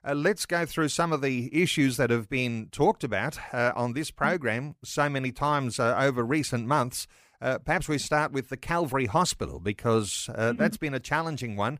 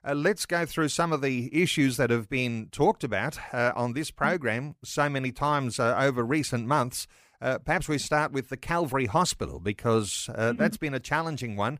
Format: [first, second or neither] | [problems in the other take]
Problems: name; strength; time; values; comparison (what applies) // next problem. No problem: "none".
neither | none